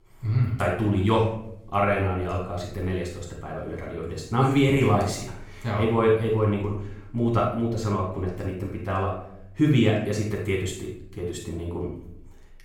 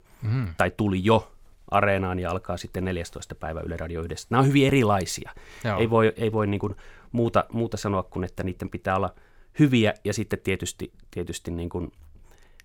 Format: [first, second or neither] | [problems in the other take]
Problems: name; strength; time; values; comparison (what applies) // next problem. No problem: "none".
second | off-mic speech; far // room echo; noticeable; dies away in 0.6 s